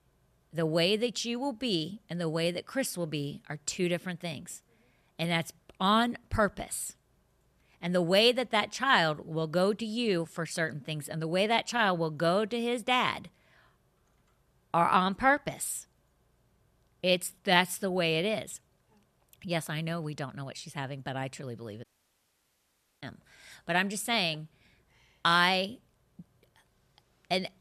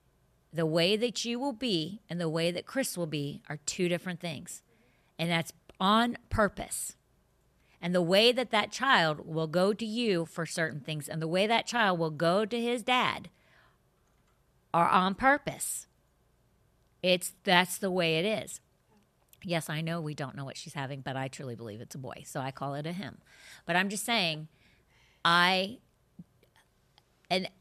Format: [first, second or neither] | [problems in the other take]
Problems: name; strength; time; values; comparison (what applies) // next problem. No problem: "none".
second | audio cutting out; at 22 s for 1 s